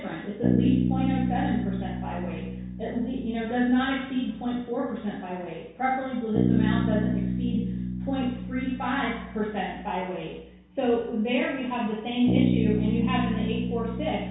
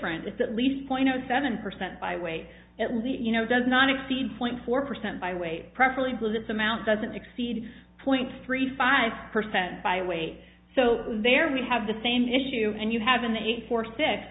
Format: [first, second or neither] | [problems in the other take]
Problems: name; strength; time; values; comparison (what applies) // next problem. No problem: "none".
second | background sound (Bass guitar); 1 dB below the speech // room echo; dies away in 0.6 s